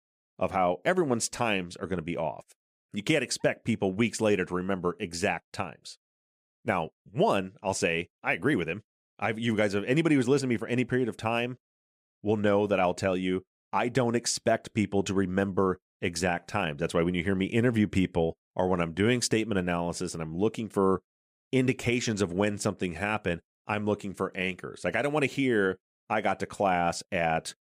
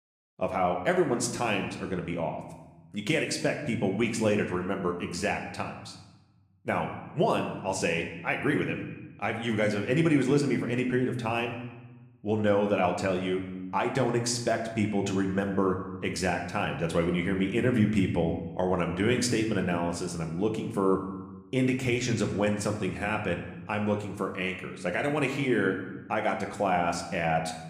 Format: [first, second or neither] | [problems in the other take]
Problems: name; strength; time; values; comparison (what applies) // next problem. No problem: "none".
first | room echo; slight; dies away in 0.9 s